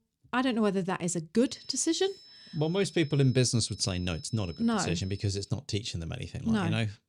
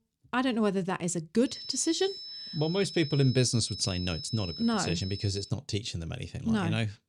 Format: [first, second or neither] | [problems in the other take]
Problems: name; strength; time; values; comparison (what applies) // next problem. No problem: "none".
first | high-pitched whine; loud; from 1.5 to 5.5 s; 5 kHz, 9 dB below the speech; faint in the first